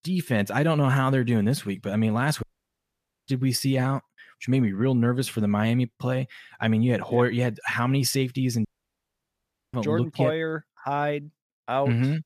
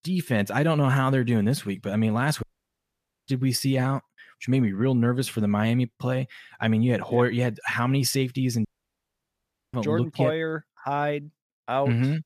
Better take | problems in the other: neither | audio cutting out; at 2.5 s for 1 s and at 8.5 s for 1 s; the same in both

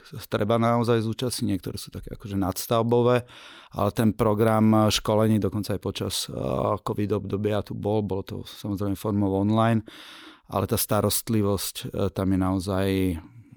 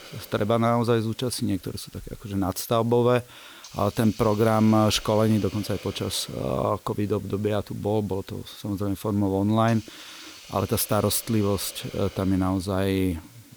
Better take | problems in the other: first | hiss; faint; throughout; 20 dB below the speech

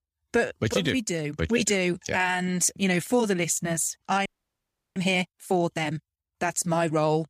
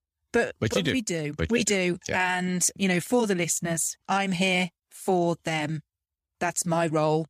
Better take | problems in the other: second | audio freezing; at 4.5 s for 0.5 s

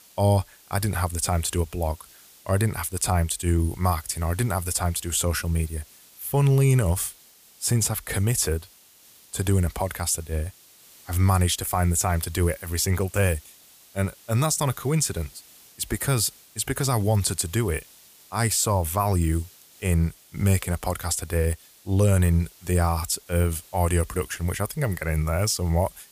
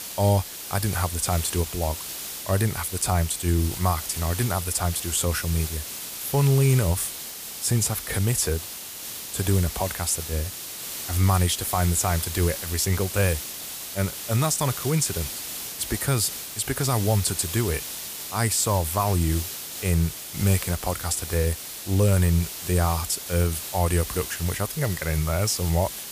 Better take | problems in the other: first | hiss; loud; throughout; 7 dB below the speech; faint in the first

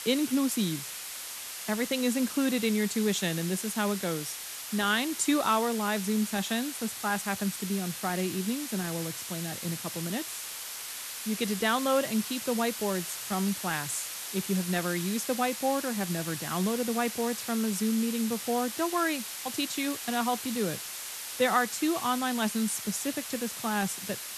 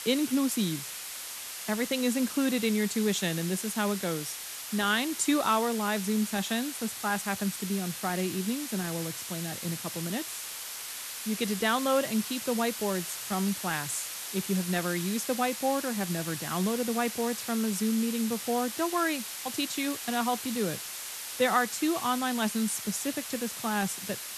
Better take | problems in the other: neither | hiss; loud; throughout; 6 dB below the speech; the same in both

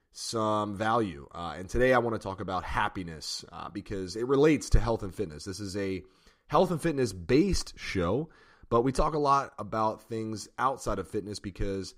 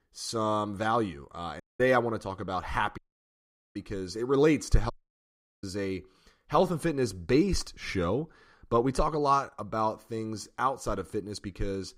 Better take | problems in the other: first | audio cutting out; at 1.5 s, at 3 s for 1 s and at 5 s for 0.5 s

